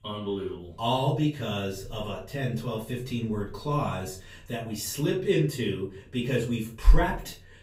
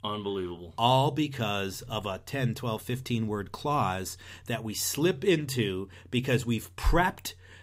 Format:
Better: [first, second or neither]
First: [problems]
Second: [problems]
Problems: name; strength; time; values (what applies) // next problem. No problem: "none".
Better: second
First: off-mic speech; far // room echo; slight; dies away in 0.4 s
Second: none